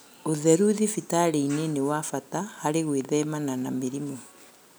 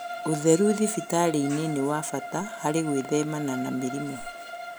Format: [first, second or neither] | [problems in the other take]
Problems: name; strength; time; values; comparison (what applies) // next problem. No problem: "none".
first | background sound (Bowed string instrument); 11 dB below the speech